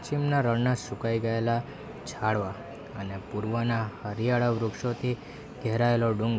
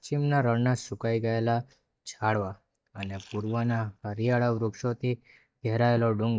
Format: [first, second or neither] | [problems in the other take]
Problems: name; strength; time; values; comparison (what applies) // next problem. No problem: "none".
first | noise reduction (neural mask model DeepFilterNet 3)